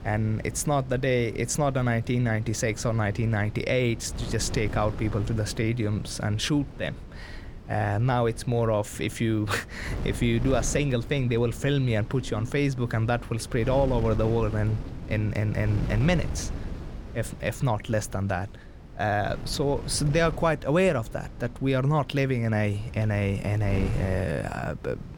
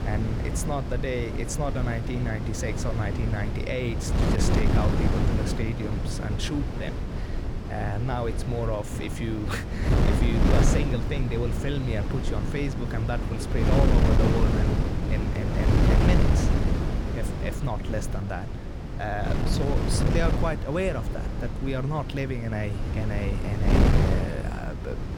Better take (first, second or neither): first